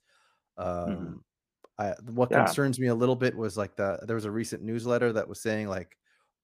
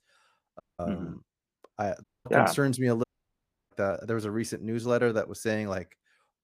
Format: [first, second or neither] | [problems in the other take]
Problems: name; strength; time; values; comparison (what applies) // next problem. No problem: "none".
first | audio cutting out; at 0.5 s, at 2 s and at 3 s for 0.5 s